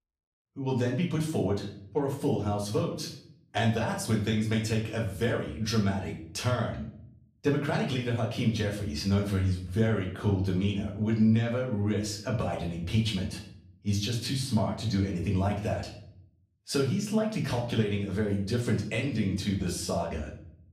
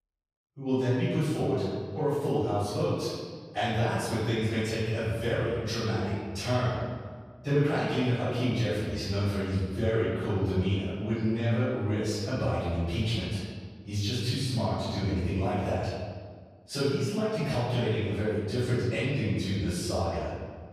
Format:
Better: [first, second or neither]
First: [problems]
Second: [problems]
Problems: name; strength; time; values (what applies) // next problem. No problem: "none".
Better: first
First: room echo; slight; dies away in 0.5 s // off-mic speech; far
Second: room echo; strong; dies away in 1.5 s // off-mic speech; far